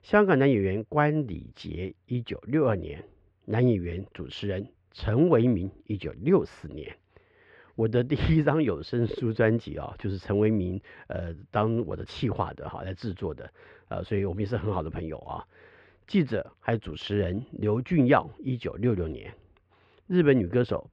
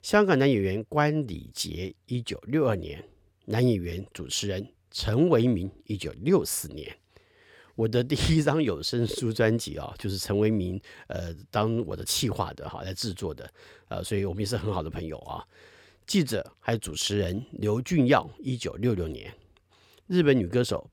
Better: second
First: muffled; very; fading above 2.5 kHz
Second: none

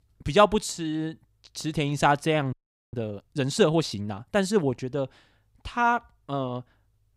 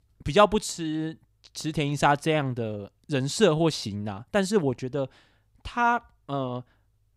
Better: second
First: audio freezing; at 2.5 s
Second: none

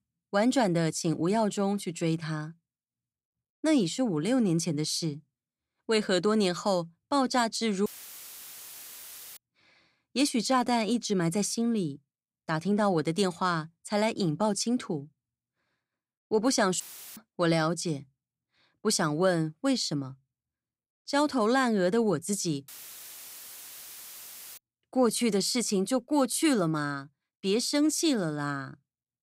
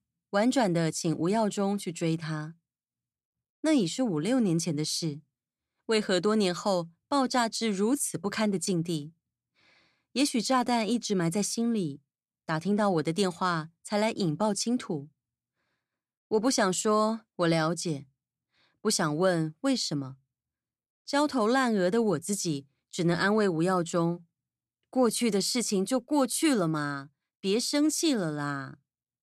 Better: second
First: audio cutting out; filled with static; at 8 s for 1.5 s, at 17 s and at 23 s for 2 s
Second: none

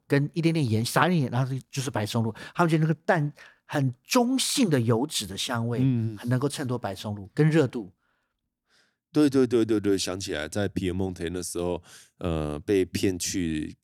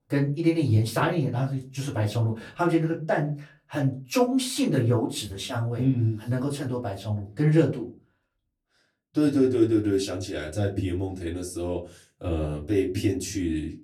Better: first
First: none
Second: off-mic speech; far // room echo; very slight; dies away in 0.3 s

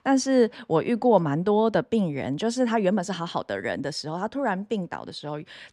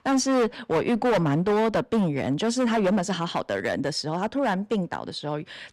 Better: first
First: none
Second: distortion; heavy; 13% of the sound clipped

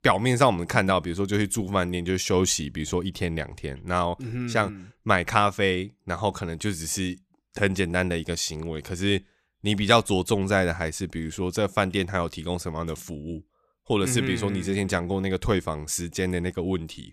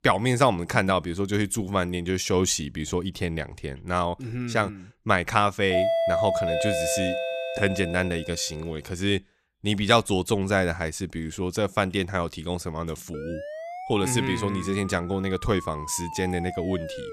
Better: first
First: none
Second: doorbell; loud; from 5.5 to 8 s; peak 3 dB above the speech // siren; noticeable; from 13 s on; peak 10 dB below the speech

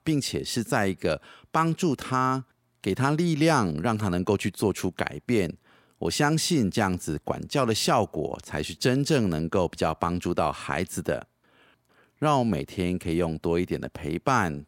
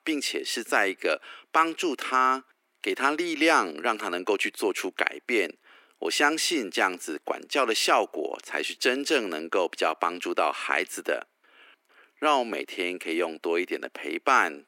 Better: first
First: none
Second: thin; somewhat; fading below 300 Hz

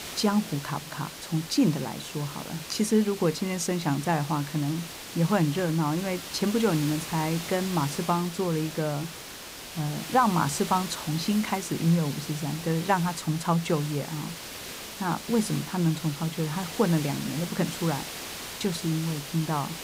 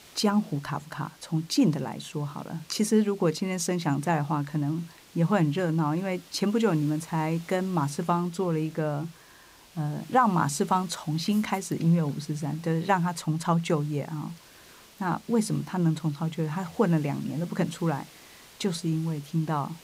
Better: second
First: hiss; loud; throughout; 9 dB below the speech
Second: hiss; faint; throughout; 25 dB below the speech

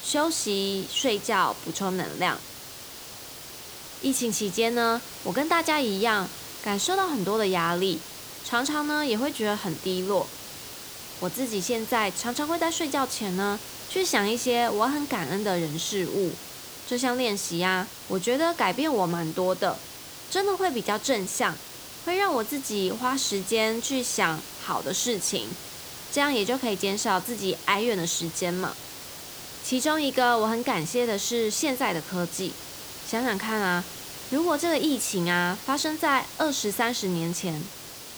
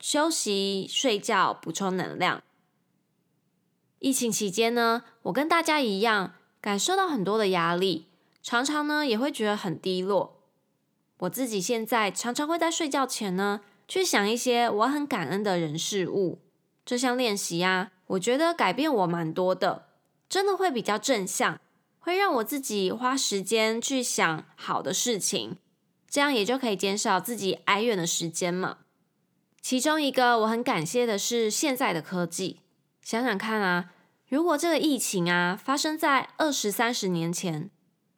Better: second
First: hiss; noticeable; throughout; 10 dB below the speech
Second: none

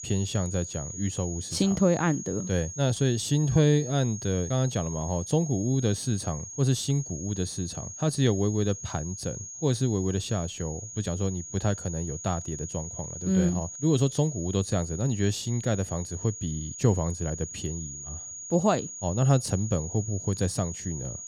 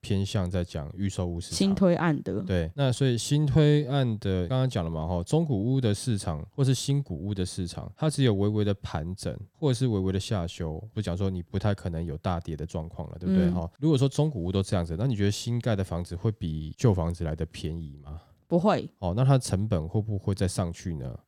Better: second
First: high-pitched whine; loud; throughout; 6.5 kHz, 9 dB below the speech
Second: none

